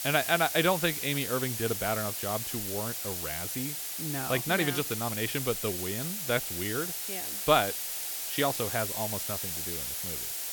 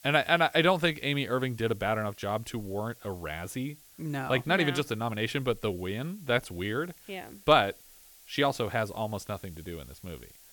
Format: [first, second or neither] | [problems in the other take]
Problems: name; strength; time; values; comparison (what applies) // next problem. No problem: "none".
second | hiss; loud; throughout; 2 dB below the speech; faint in the second